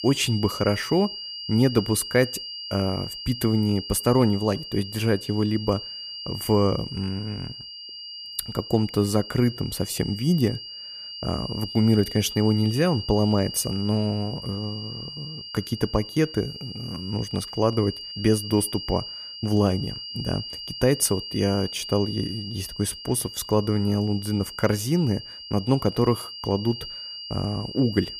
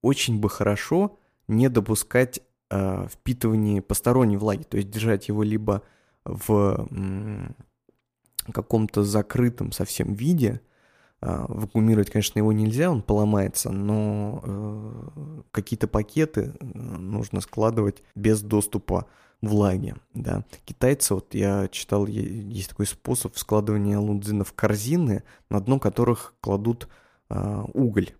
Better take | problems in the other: second | high-pitched whine; loud; throughout; 4.5 kHz, 10 dB below the speech

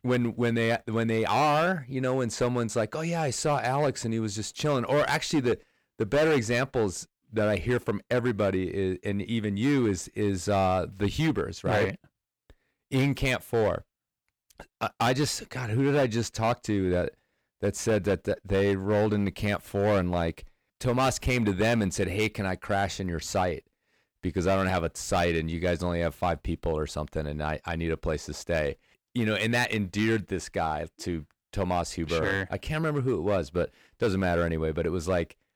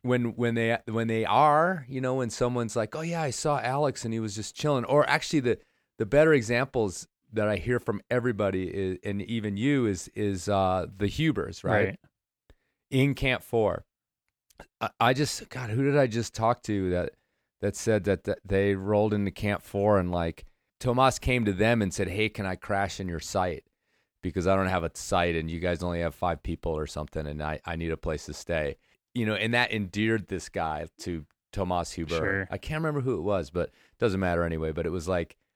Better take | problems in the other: second | distortion; slight; 6% of the sound clipped

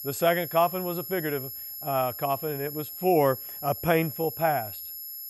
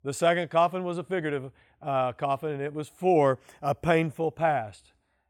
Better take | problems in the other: second | high-pitched whine; loud; throughout; 11.5 kHz, 8 dB below the speech

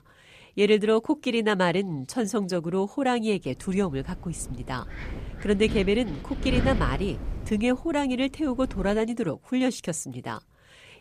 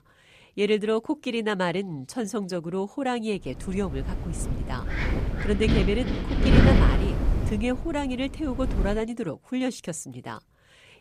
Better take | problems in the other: first | wind noise on the microphone; heavy; from 3.5 to 9 s; 1 dB below the speech; occasional gusts in the first

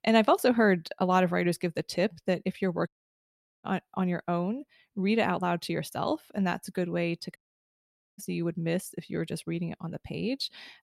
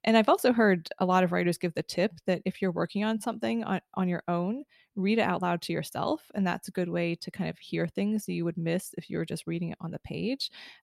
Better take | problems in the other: second | audio cutting out; at 3 s for 1 s and at 7.5 s for 1 s

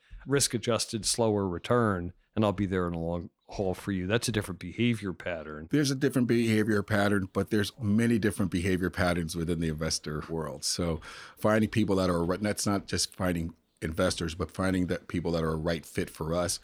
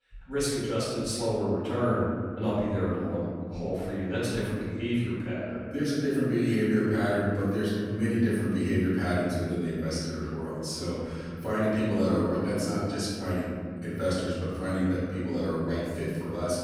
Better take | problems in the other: first | off-mic speech; far // room echo; strong; dies away in 2.4 s

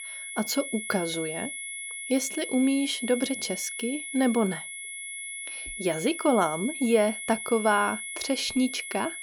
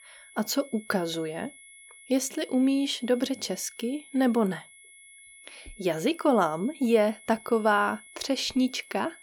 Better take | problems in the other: second | high-pitched whine; loud; throughout; 2 kHz, 7 dB below the speech; faint in the second

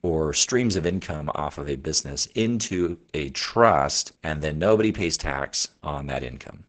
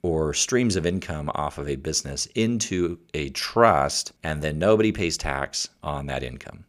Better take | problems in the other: second | garbled, watery; badly; nothing above 7.5 kHz

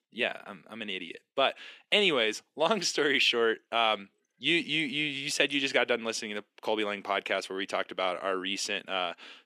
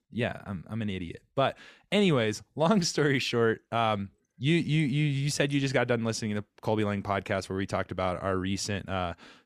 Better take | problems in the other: second | thin; somewhat; fading below 300 Hz

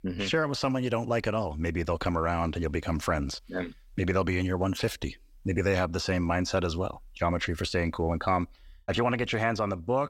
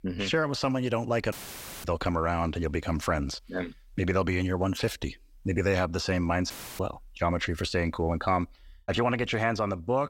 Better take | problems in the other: first | audio cutting out; filled with static; at 1.5 s for 0.5 s and at 6.5 s

